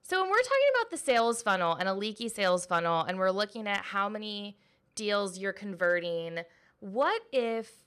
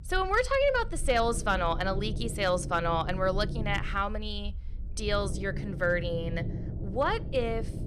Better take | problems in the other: first | low rumble; noticeable; throughout; 15 dB below the speech

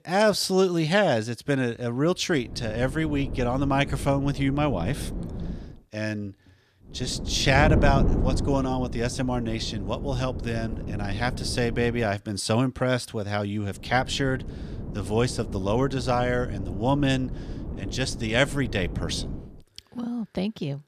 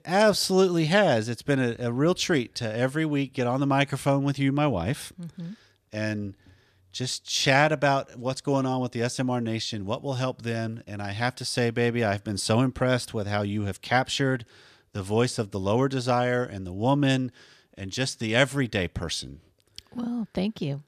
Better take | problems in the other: second | wind noise on the microphone; occasional gusts; from 2.5 to 5.5 s, from 7 to 12 s and from 14 to 19 s; 15 dB below the speech

